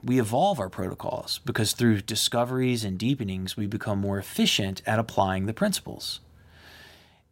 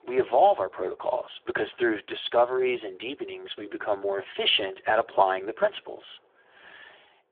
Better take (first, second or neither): first